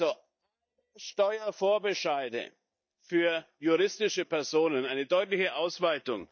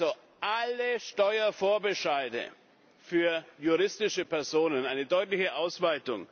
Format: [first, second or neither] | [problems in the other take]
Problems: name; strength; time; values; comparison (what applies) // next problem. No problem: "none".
second | noise reduction (neural mask model DeepFilterNet 3)